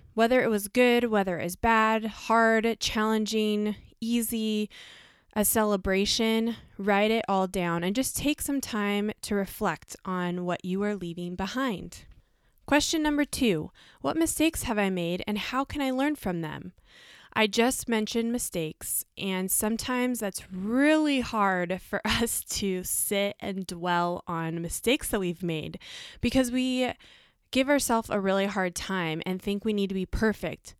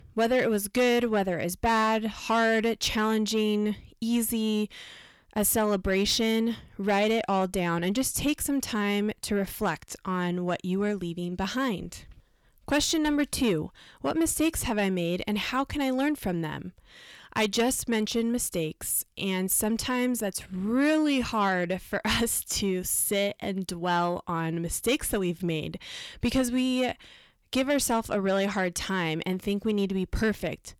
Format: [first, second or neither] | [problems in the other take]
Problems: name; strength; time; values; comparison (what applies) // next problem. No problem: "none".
first | distortion; slight; 10 dB below the speech